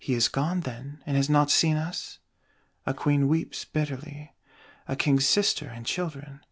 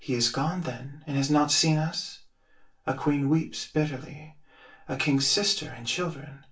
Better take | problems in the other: first | room echo; dies away in 0.2 s

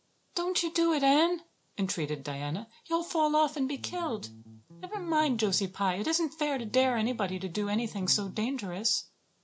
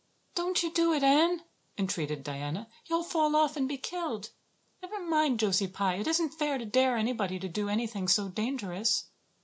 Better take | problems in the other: second | background sound (Bass guitar); 18 dB below the speech

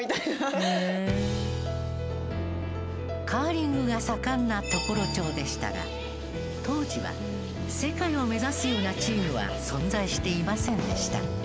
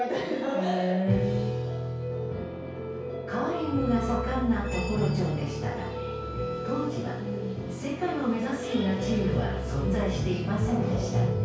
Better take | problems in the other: first | background sound (Wind instrument, woodwind instrument); 15 dB below the speech // room echo; dies away in 0.6 s

